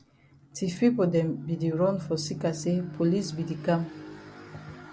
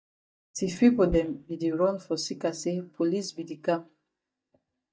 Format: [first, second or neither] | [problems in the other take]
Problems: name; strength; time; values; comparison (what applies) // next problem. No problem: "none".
first | noise reduction (neural mask model DeepFilterNet 3)